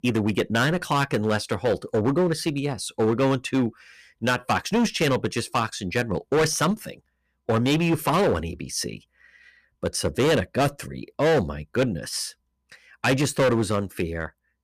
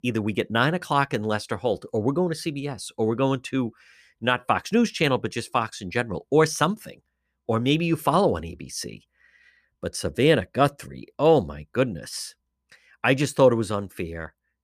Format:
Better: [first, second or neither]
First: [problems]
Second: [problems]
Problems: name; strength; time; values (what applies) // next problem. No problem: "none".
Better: second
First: distortion; heavy; 10% of the sound clipped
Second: none